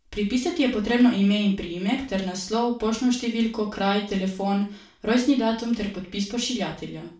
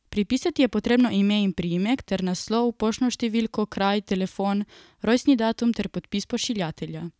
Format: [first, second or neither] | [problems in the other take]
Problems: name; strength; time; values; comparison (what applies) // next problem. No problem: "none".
second | room echo; dies away in 0.4 s